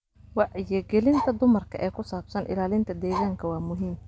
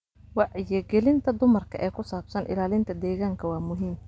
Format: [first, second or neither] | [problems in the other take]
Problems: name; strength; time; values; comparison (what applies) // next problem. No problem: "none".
second | background sound (Bark); 13 dB below the speech